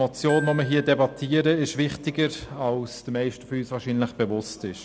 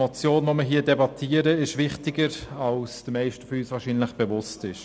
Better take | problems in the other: second | background sound (Glockenspiel); 17 dB below the speech

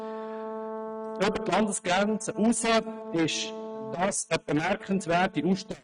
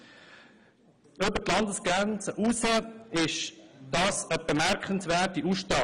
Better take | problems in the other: second | noise reduction (neural mask model RNNoise)

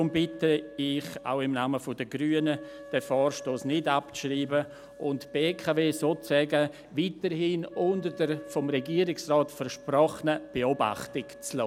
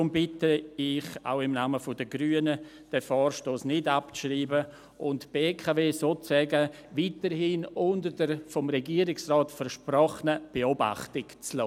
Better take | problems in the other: second | background sound (Wind instrument, woodwind instrument); 19 dB below the speech

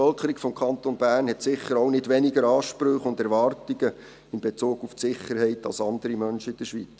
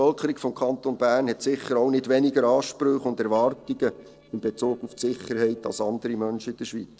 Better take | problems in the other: first | noise reduction (neural separator model SepFormer DNS4)

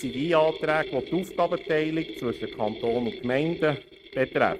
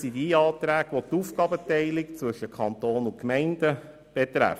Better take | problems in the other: second | noise reduction (neural mask model RNNoise)

